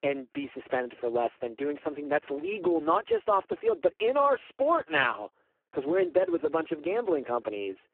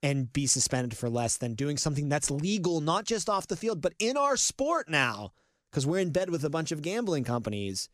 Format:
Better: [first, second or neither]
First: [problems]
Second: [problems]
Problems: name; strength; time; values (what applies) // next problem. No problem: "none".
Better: second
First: phone-call audio; poor line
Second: none